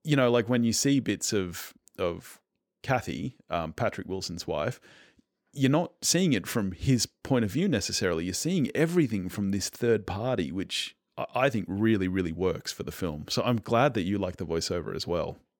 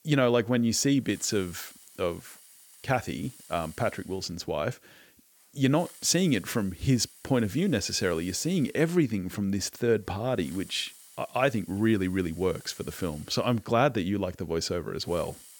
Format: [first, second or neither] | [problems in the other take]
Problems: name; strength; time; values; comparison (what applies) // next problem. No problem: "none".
first | hiss; faint; throughout; 20 dB below the speech